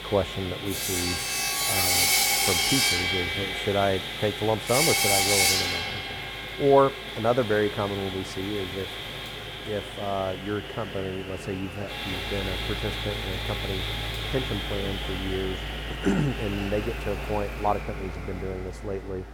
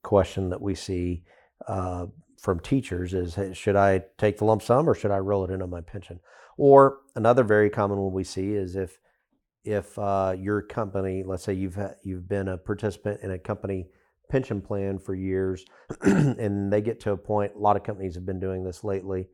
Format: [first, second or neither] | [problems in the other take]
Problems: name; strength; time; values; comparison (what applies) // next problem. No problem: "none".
second | machinery noise; very loud; throughout; 3 dB above the speech